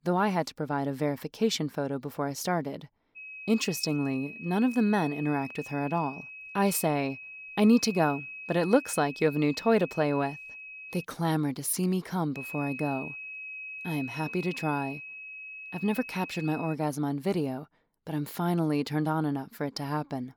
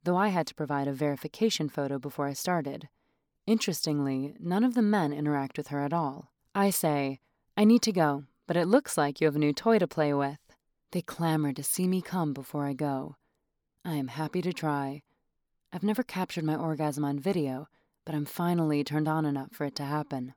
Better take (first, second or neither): second